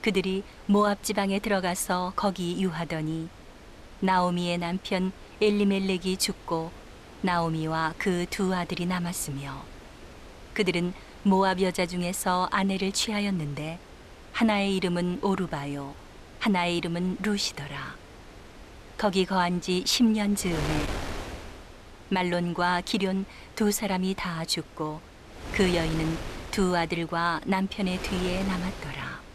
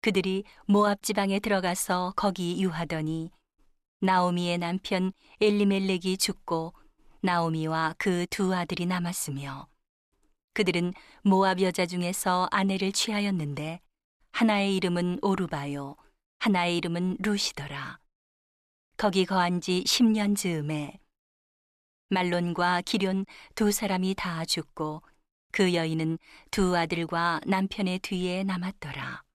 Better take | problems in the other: second | wind noise on the microphone; occasional gusts; 15 dB below the speech

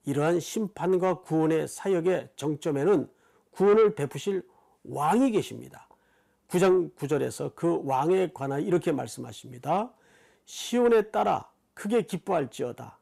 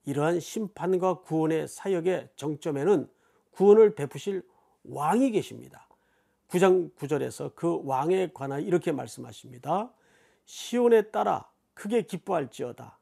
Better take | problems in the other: second | distortion; slight; 10 dB below the speech

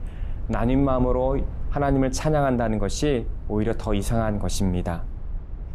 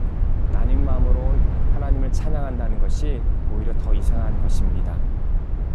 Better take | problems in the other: first | low rumble; loud; throughout; 2 dB below the speech; faint in the first

